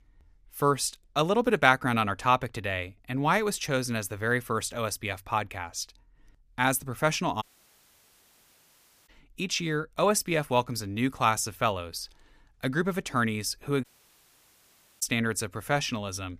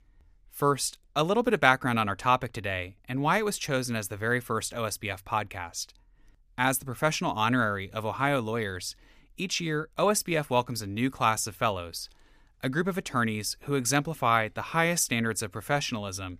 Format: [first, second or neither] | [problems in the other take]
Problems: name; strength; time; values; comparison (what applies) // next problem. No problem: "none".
second | audio cutting out; at 7.5 s for 1.5 s and at 14 s for 1 s